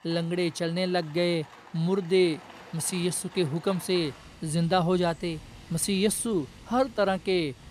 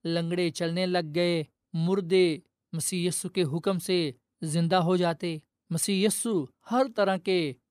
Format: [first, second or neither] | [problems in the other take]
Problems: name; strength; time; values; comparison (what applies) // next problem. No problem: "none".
second | animal sounds; faint; throughout; 20 dB below the speech